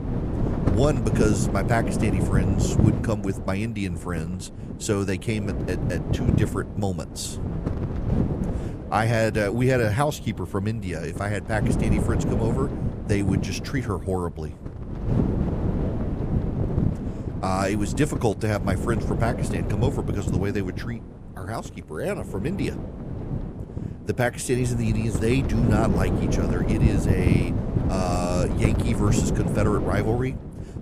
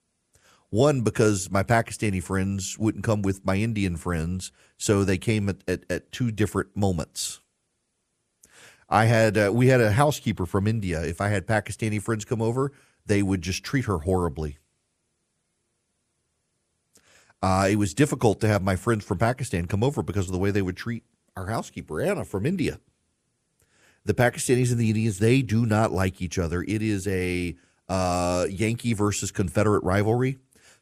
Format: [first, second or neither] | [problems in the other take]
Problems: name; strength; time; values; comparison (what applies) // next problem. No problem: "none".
second | wind noise on the microphone; heavy; 5 dB below the speech